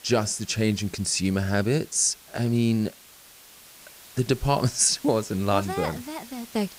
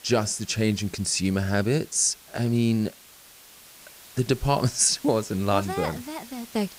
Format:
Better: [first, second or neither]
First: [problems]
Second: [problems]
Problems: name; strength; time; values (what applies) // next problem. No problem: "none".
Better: neither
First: hiss; faint; throughout; 20 dB below the speech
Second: hiss; faint; throughout; 20 dB below the speech